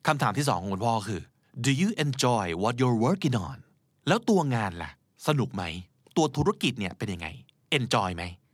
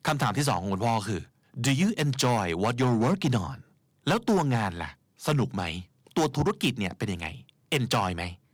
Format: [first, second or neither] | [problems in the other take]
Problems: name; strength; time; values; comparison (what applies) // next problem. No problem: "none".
first | distortion; slight; 5% of the sound clipped